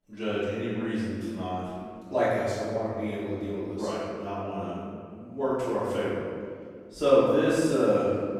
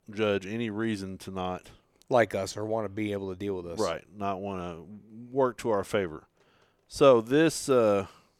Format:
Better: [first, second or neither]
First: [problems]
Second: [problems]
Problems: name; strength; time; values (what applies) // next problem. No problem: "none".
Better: second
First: off-mic speech; far // room echo; strong; dies away in 1.9 s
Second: none